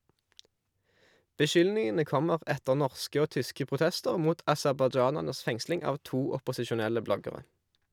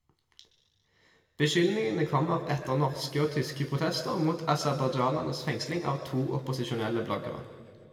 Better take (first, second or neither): first